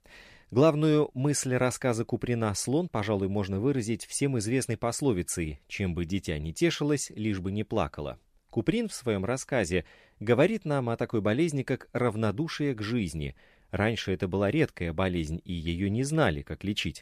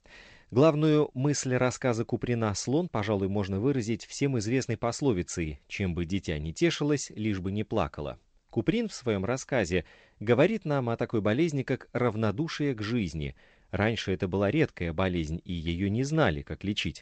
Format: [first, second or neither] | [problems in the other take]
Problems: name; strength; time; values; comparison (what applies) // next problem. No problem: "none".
first | garbled, watery; slightly; nothing above 7.5 kHz